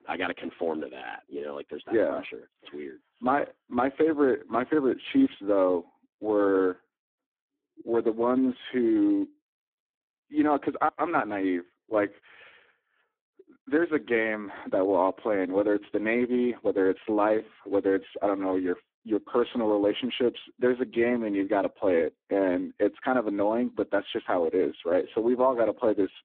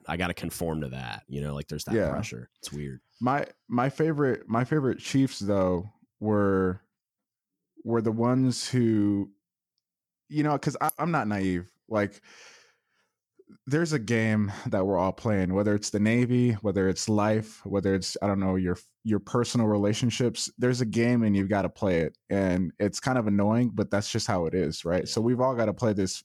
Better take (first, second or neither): second